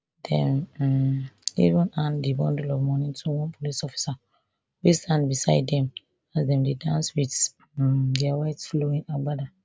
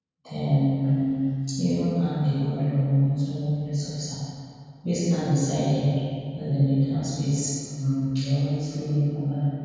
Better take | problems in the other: first | room echo; dies away in 2.1 s

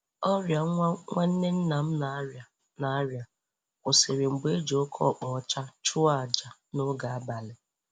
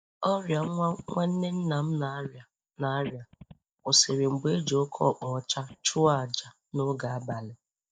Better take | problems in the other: first | noise reduction (neural mask model DeepFilterNet 3)

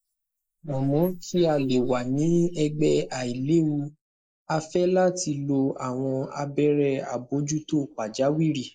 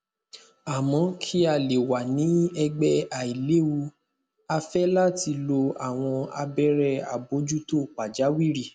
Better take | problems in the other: second | noise reduction (neural mask model Resemble Enhance denoiser)

